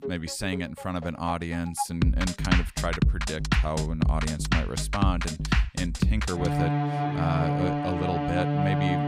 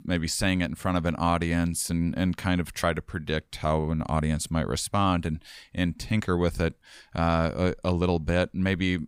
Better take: second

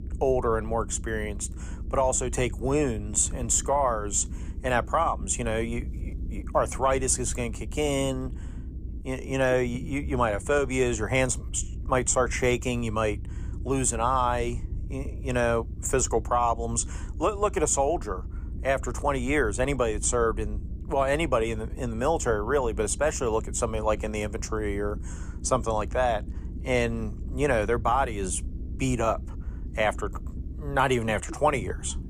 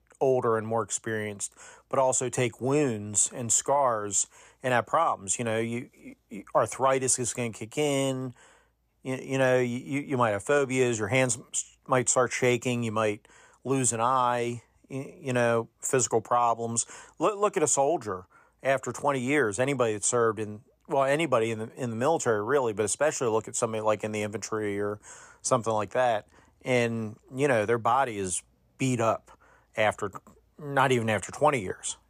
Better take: second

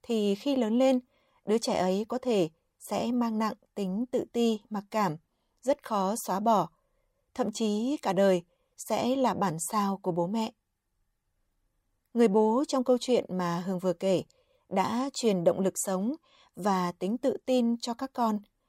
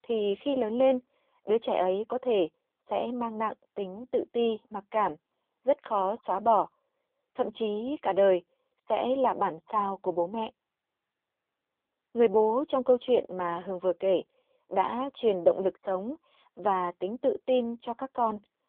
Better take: first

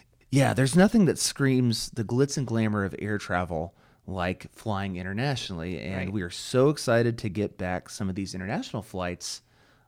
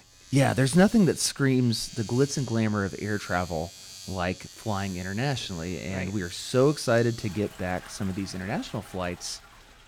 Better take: first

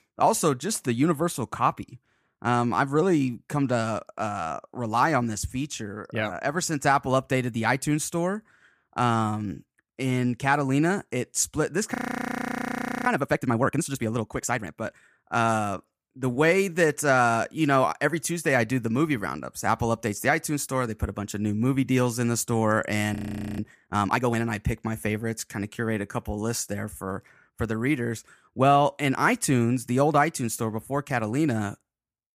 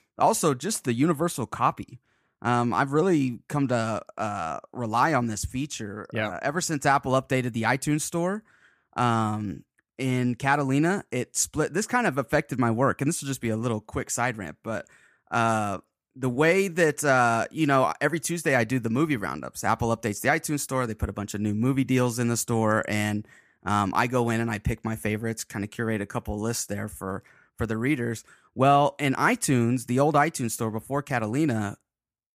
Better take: second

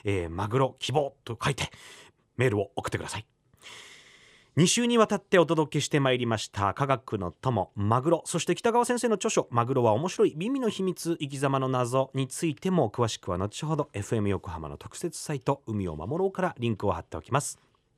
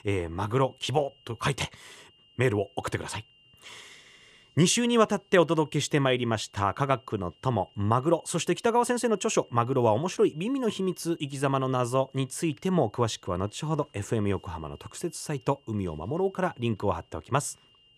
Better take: first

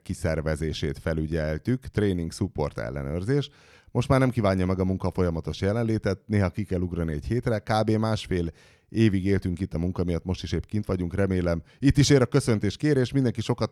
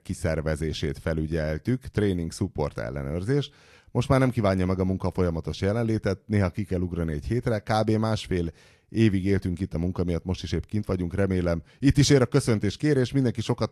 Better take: first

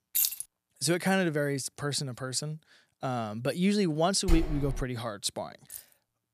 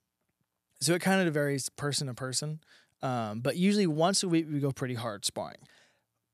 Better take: second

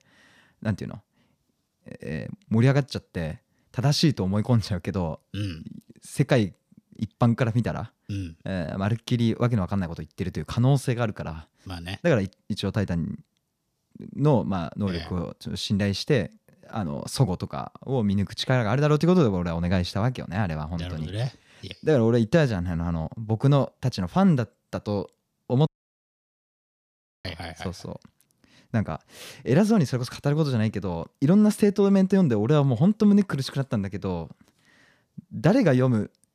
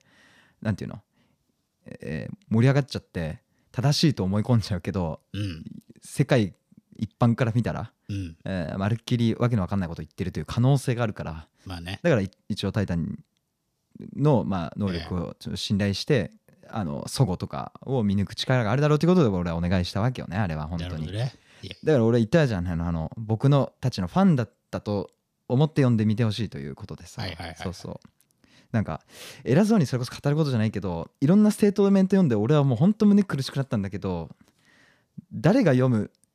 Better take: second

